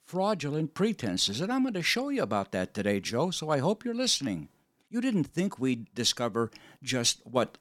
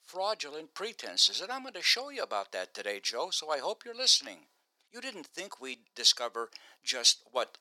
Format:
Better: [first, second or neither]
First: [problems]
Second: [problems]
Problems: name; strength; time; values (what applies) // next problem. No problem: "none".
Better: first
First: none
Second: thin; very; fading below 550 Hz